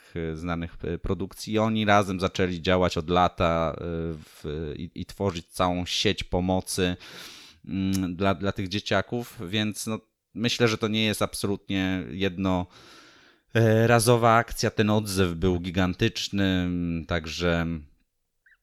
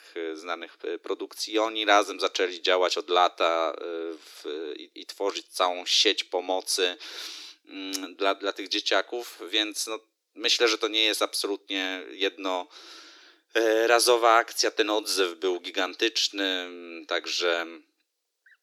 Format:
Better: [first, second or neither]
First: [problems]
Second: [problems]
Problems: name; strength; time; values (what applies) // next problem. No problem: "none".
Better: first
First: none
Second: thin; very; fading below 300 Hz